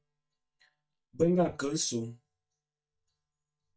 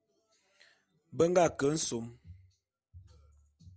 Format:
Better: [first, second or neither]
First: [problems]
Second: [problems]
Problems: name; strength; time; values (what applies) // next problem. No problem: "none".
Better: second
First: noise reduction (neural mask model DeepFilterNet 3)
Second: none